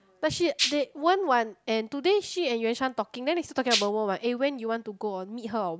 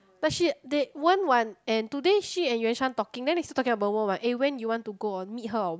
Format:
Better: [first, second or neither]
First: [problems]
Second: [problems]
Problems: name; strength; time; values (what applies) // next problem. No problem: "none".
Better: second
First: background sound (Rattle (instrument)); as loud as the speech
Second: none